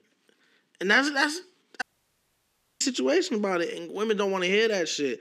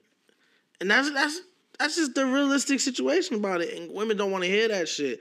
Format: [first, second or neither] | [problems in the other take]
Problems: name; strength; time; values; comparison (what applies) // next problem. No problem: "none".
second | audio cutting out; at 2 s for 1 s